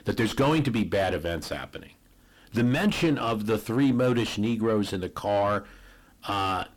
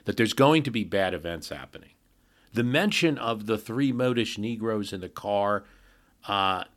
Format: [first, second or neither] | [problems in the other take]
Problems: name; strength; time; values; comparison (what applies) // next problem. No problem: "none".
second | distortion; heavy; 5 dB below the speech